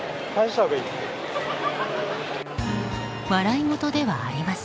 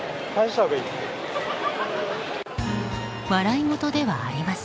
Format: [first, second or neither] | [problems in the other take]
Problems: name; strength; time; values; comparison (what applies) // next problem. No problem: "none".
second | background sound (Wind instrument, woodwind instrument); 17 dB below the speech